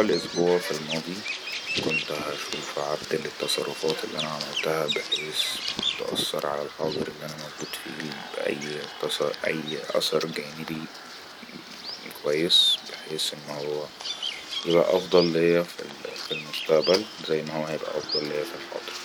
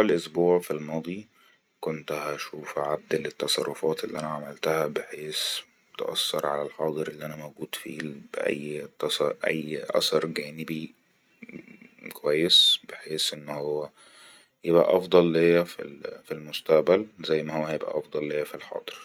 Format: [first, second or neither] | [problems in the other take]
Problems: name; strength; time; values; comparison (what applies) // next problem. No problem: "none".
second | background sound (Bird vocalization, bird call, bird song); 7 dB below the speech